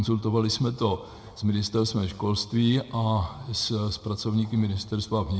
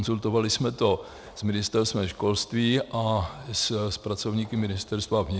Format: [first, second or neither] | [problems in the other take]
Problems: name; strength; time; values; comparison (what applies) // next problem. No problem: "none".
second | room echo; dies away in 1.6 s